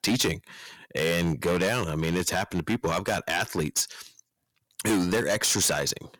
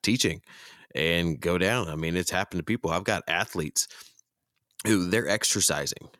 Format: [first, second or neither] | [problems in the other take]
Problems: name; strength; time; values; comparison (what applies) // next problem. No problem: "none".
second | distortion; heavy; 10% of the sound clipped